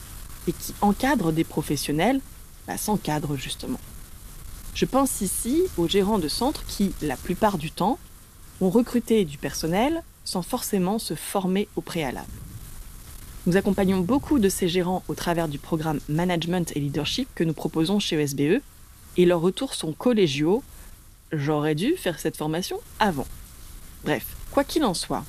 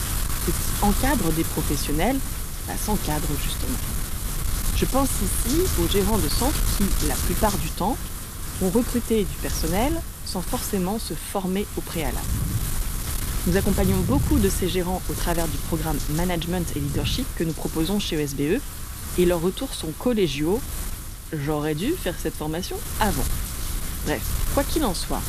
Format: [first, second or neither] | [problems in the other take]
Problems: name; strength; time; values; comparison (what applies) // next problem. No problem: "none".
first | wind noise on the microphone; heavy; 6 dB below the speech; occasional gusts in the first